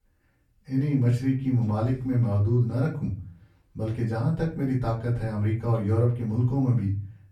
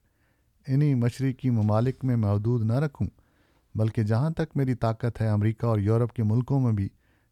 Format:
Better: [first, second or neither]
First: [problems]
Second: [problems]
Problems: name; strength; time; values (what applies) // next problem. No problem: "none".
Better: second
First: off-mic speech; far // room echo; slight; dies away in 0.4 s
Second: none